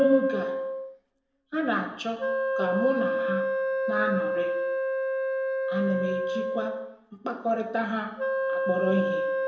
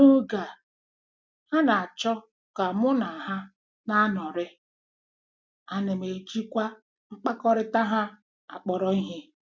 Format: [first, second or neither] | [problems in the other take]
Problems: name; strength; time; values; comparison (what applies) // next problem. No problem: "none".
second | background sound (Wind instrument, woodwind instrument); 1 dB above the speech // room echo; dies away in 0.8 s